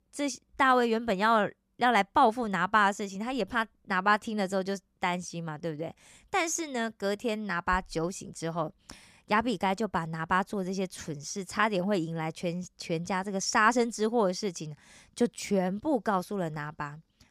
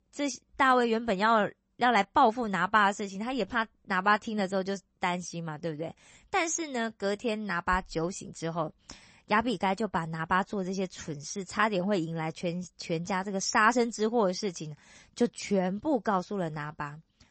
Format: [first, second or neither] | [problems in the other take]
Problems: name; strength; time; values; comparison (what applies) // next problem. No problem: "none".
first | garbled, watery; slightly; nothing above 8 kHz